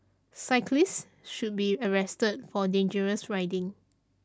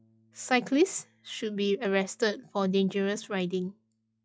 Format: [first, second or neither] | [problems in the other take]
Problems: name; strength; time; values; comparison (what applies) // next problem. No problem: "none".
first | noise reduction (classical method log-MMSE)